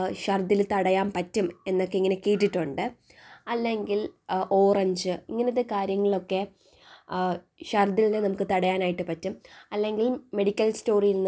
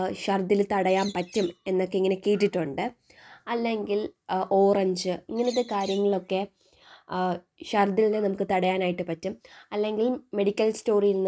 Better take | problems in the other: first | noise reduction (neural mask model RNNoise)

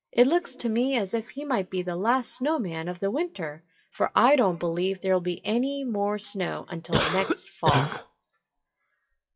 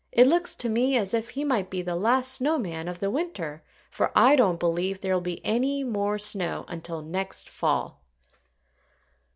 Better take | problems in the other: second | noise reduction (classical method WPE with log-MMSE)

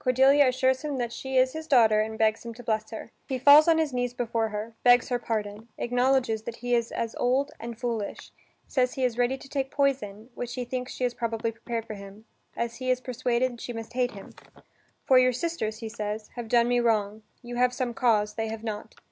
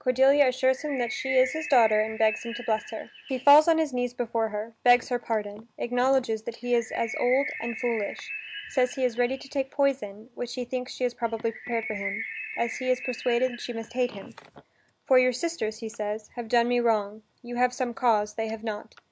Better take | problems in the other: first | background sound (Bird); 11 dB below the speech

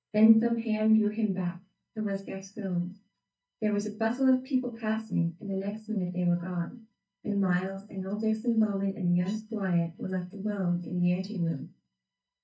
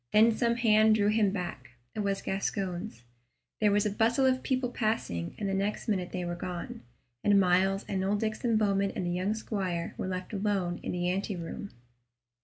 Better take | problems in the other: second | noise reduction (neural mask model DeepFilterNet 3)

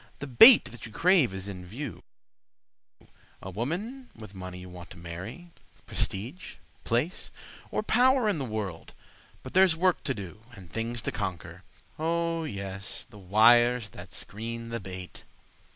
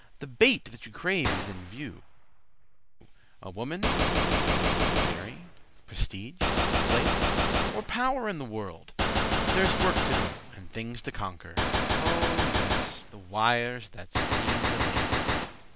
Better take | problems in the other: first | background sound (Gunshot, gunfire); 4 dB above the speech

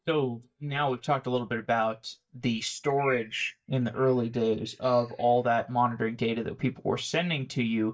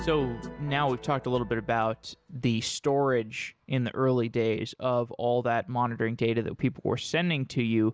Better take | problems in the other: second | noise reduction (neural mask model DeepFilterNet 3)

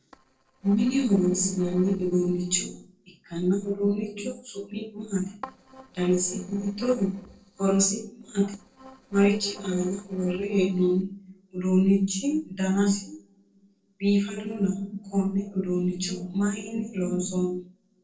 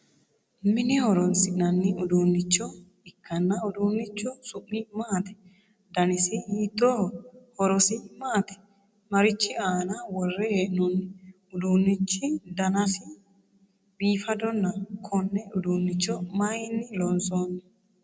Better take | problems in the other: second | noise reduction (neural separator model SepFormer DNS4)

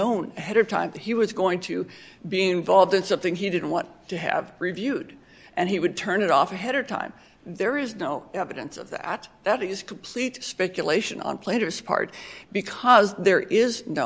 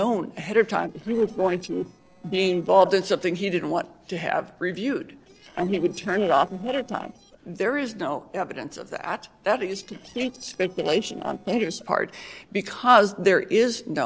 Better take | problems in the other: first | noise reduction (neural separator model SepFormer DNS4)

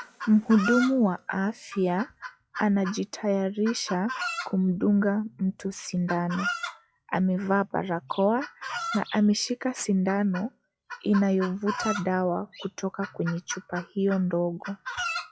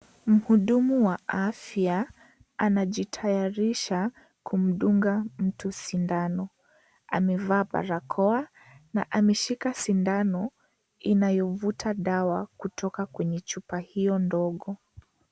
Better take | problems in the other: second | noise reduction (classical method log-MMSE)

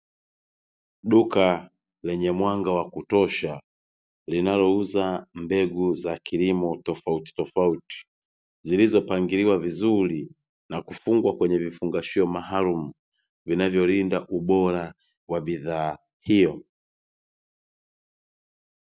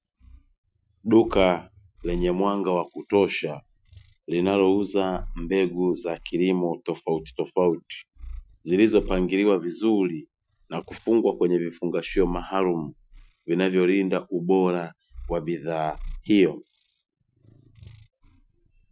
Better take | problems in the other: first | noise reduction (classical method Wiener filter)

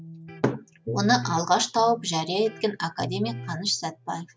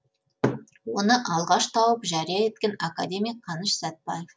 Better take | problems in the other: second | background sound (Electric guitar); 12 dB below the speech

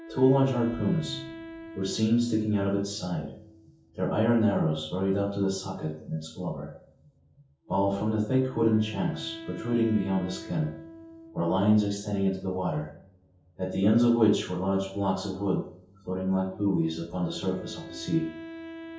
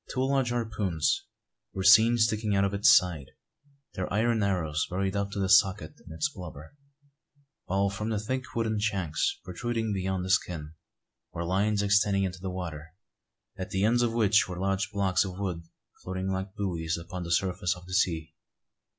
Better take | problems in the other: second | background sound (Wind instrument, woodwind instrument); 18 dB below the speech // room echo; dies away in 0.6 s

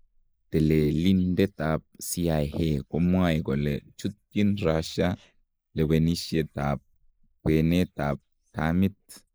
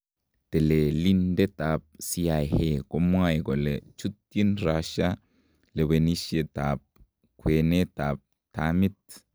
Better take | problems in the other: second | noise reduction (neural mask model Resemble Enhance denoiser)

